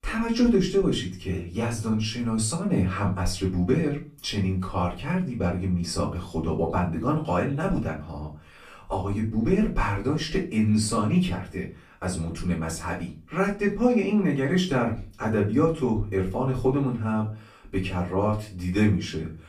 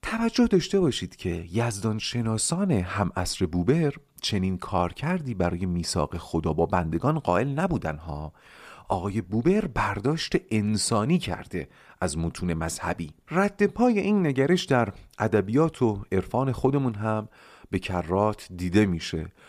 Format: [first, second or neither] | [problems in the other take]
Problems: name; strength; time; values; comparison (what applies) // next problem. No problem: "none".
second | off-mic speech; far // room echo; slight; dies away in 0.3 s